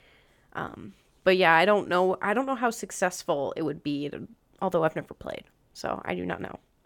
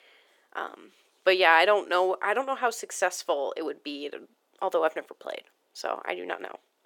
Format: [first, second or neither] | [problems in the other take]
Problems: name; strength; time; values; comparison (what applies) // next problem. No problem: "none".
first | thin; somewhat; fading below 350 Hz